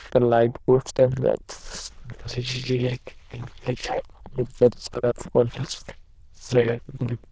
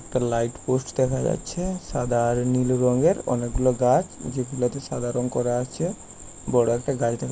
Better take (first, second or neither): second